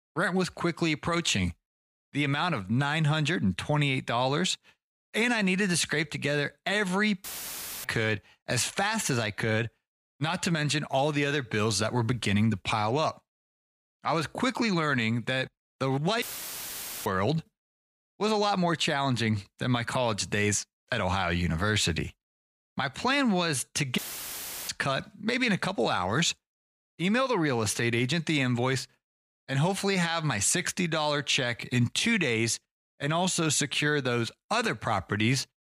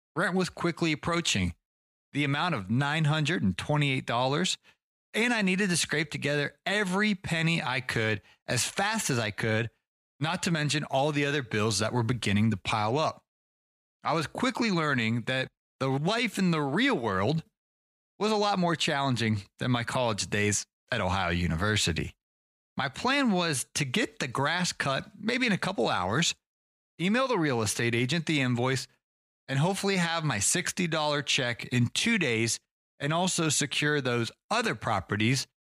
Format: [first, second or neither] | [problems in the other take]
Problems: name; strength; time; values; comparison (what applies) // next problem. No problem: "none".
second | audio cutting out; filled with static; at 7 s for 0.5 s, at 16 s for 1 s and at 24 s for 0.5 s